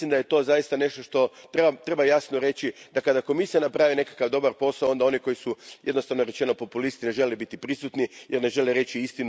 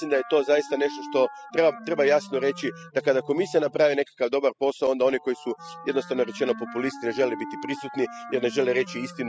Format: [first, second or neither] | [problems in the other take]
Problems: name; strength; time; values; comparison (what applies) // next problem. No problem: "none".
first | noise reduction (classical method spectral subtraction)